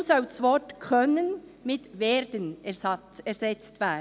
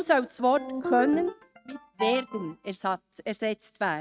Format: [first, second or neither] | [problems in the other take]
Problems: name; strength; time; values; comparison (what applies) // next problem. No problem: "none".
first | noise reduction (neural mask model RNNoise)